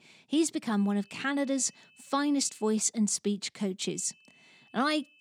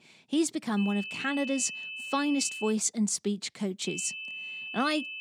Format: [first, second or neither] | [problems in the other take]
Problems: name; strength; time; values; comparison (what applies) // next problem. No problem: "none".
first | high-pitched whine; loud; from 1 to 2.5 s and from 4 s on; 2.5 kHz, 7 dB below the speech; faint in the first